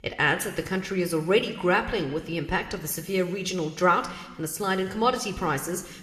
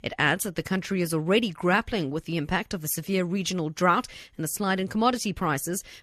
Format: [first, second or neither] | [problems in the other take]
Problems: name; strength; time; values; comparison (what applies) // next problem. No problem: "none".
second | room echo; very slight; dies away in 1.2 s